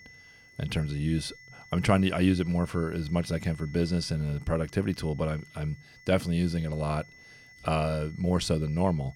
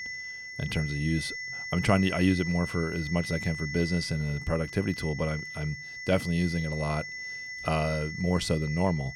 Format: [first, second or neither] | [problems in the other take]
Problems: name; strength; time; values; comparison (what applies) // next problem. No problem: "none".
first | high-pitched whine; loud; throughout; 2 kHz, 7 dB below the speech; faint in the first